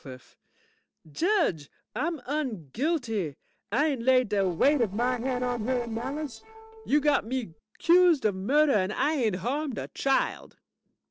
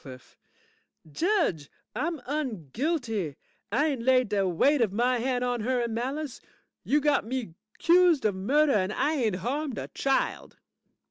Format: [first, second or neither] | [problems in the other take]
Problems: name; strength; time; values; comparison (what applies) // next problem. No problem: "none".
second | noise reduction (neural separator model SepFormer DNS4)